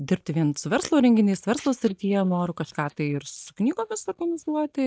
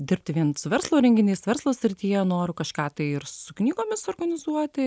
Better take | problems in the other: second | noise reduction (neural mask model DeepFilterNet 3)

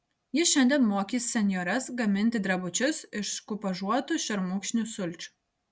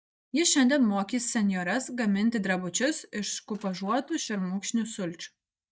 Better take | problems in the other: first | noise reduction (neural mask model DeepFilterNet 3)

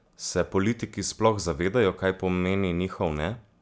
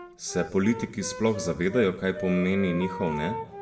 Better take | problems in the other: first | background sound (Wind instrument, woodwind instrument); 11 dB below the speech // room echo; dies away in 1.4 s

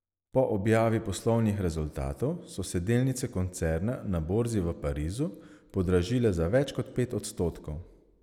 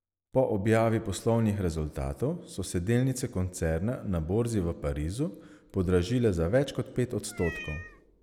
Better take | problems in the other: first | background sound (Meow); 14 dB below the speech

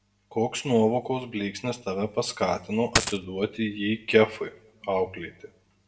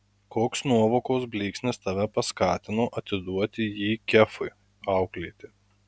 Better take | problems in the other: second | background sound (Coin (dropping)); 2 dB above the speech // room echo; dies away in 0.4 s

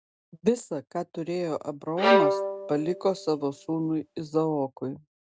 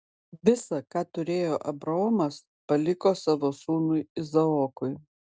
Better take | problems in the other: second | background sound (Bowed string instrument); 2 dB above the speech

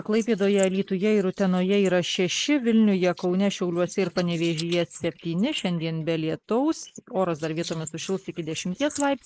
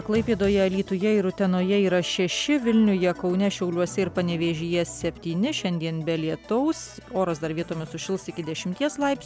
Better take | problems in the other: second | noise reduction (neural mask model Resemble Enhance denoiser)

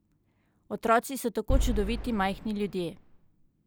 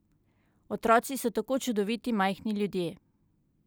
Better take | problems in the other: second | background sound (Boom); as loud as the speech

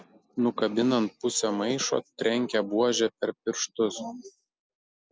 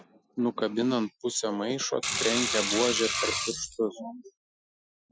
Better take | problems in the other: first | noise reduction (classical method Wiener filter)

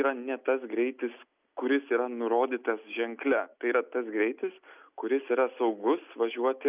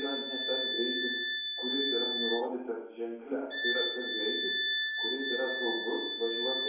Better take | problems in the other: first | background sound (Wind instrument, woodwind instrument); 3 dB above the speech // room echo; dies away in 0.9 s

